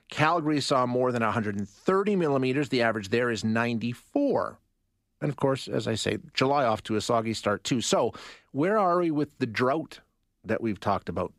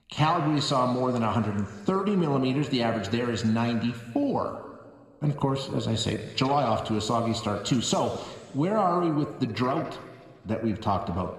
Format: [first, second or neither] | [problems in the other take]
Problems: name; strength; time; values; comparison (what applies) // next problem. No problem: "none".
first | room echo; noticeable; dies away in 1.8 s